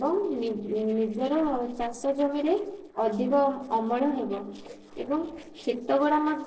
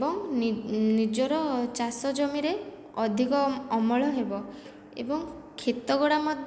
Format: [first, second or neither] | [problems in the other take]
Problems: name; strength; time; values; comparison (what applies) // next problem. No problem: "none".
second | noise reduction (neural separator model SepFormer DNS4)